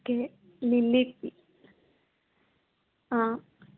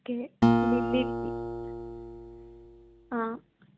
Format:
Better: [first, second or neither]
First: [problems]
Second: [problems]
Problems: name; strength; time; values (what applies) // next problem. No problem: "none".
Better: first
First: none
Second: background sound (Acoustic guitar); 5 dB above the speech